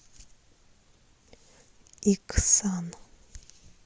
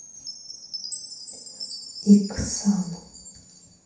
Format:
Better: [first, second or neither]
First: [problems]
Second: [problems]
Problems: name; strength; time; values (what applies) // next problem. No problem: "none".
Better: first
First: none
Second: background sound (Chime); 13 dB below the speech // room echo; dies away in 0.7 s